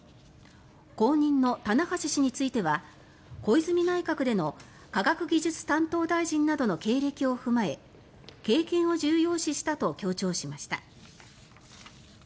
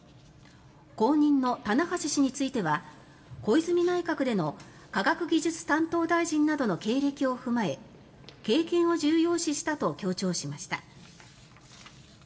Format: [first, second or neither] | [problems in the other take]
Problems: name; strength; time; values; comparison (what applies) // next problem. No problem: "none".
first | room echo; dies away in 0.3 s